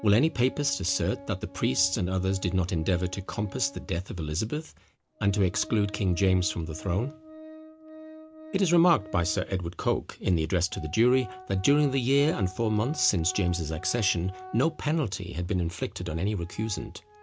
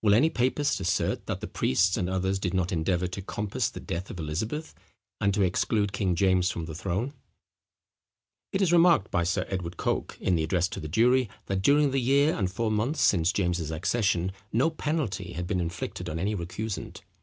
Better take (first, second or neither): second